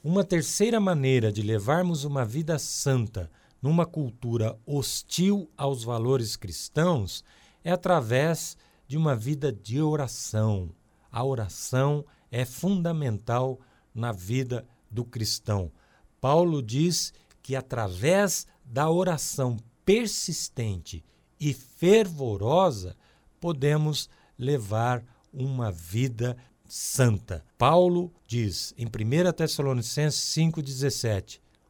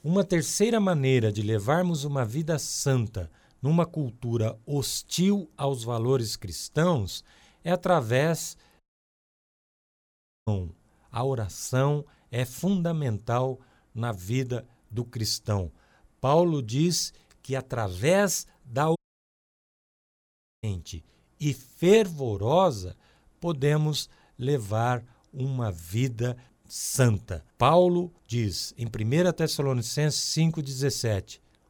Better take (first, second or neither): first